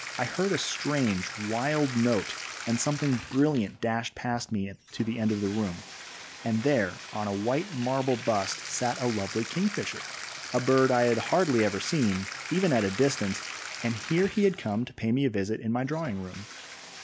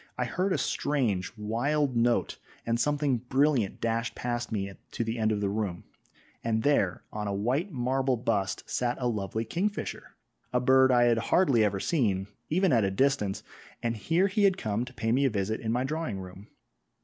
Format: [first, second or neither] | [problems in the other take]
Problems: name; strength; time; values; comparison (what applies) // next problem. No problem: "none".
second | background sound (Bathtub (filling or washing)); 12 dB below the speech